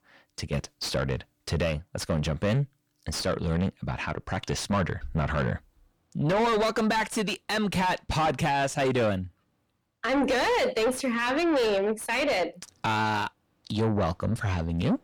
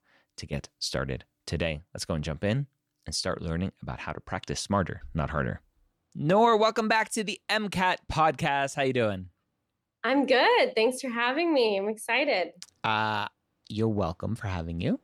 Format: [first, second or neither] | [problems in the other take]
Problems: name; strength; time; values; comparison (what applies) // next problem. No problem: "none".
second | distortion; heavy; 6 dB below the speech